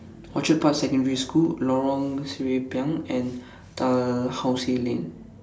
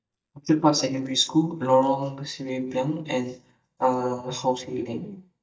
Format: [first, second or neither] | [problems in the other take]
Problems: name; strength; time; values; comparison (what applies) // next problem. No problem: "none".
first | noise reduction (neural mask model DeepFilterNet 3)